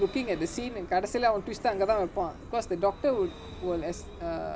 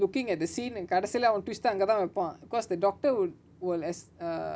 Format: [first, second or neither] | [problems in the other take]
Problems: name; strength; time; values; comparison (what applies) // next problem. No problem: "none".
second | background sound (Vehicle); 14 dB below the speech